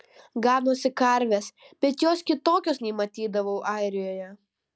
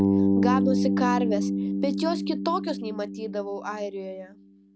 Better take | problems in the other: first | background sound (Bass guitar); 4 dB above the speech

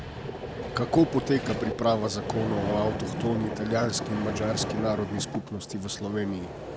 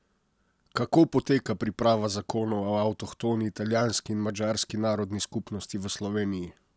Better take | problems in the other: second | background sound (Vehicle); 5 dB below the speech

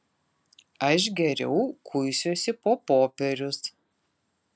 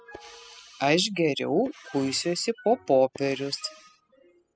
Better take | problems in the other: first | noise reduction (classical method spectral subtraction)

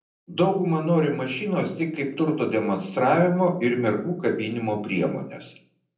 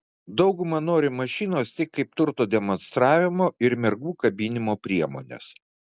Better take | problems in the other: second | room echo; dies away in 0.6 s

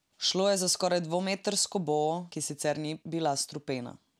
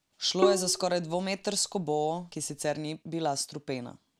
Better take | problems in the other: first | background sound (Bowed string instrument); 3 dB below the speech

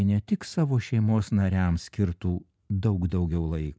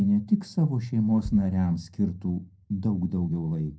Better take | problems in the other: first | noise reduction (neural separator model SepFormer DNS4)

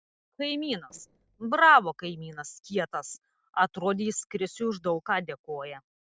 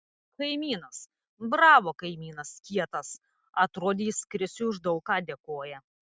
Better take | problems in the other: second | noise reduction (neural separator model SepFormer DNS4)

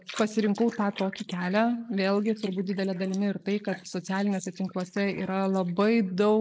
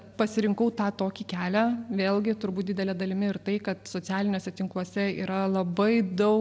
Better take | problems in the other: second | noise reduction (neural mask model Resemble Enhance denoiser)

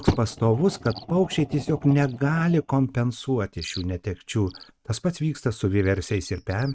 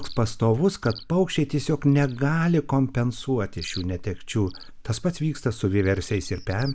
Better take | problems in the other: second | noise reduction (neural mask model RNNoise)

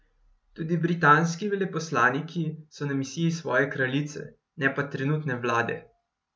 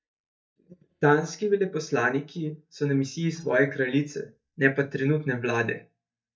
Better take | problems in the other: first | noise reduction (neural mask model DeepFilterNet 3)

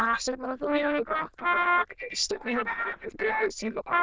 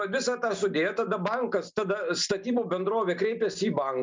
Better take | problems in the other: second | noise reduction (neural diffusion model UNIVERSE++)

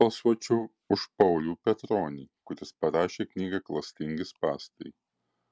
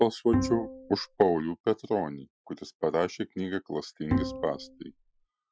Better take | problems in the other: first | noise reduction (classical method Wiener filter)

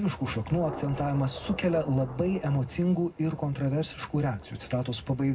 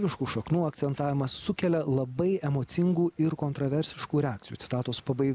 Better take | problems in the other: second | background sound (Thunder / Rain); 16 dB below the speech // room echo; dies away in 0.3 s

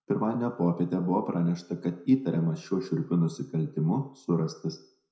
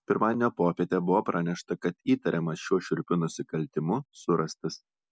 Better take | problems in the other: second | room echo; dies away in 0.4 s

